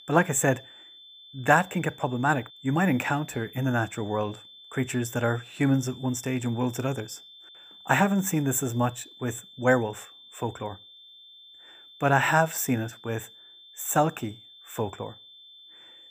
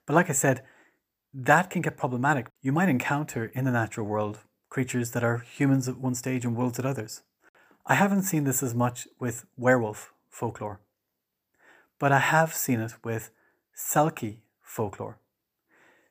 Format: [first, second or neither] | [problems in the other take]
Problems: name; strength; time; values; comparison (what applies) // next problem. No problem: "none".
second | high-pitched whine; faint; throughout; 3.5 kHz, 20 dB below the speech